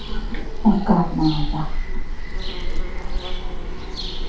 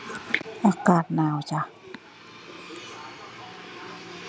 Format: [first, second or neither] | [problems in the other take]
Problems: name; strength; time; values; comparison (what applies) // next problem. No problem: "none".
second | background sound (Bird vocalization, bird call, bird song); 2 dB above the speech // room echo; dies away in 0.5 s